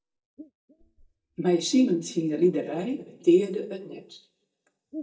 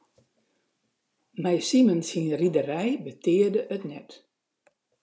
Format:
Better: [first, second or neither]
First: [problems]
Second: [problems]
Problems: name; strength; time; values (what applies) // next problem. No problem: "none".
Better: second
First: noise reduction (neural mask model DeepFilterNet 3)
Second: none